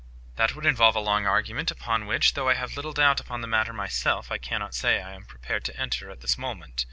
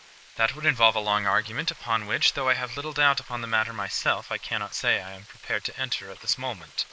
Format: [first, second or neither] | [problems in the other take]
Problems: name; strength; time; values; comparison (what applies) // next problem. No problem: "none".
first | noise reduction (neural mask model Resemble Enhance denoiser)